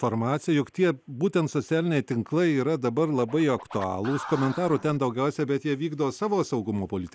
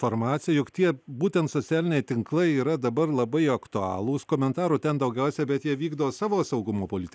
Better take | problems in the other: second | background sound (Scratching (performance technique)); 15 dB below the speech

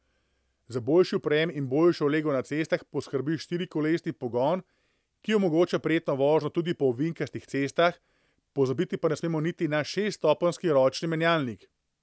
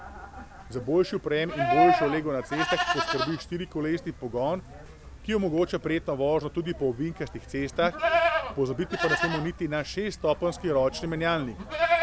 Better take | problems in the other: first | background sound (Livestock, farm animals, working animals); 2 dB below the speech

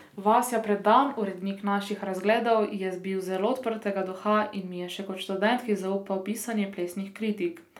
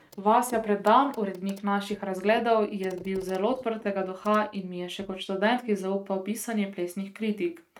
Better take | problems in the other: first | noise reduction (neural mask model RNNoise)

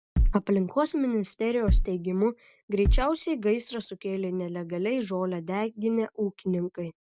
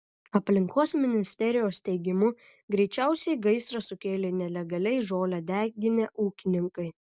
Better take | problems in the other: second | background sound (Bass drum); 4 dB above the speech

